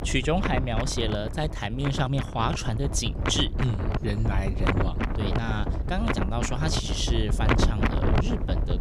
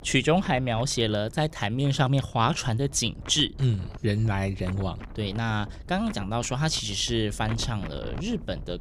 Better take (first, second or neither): second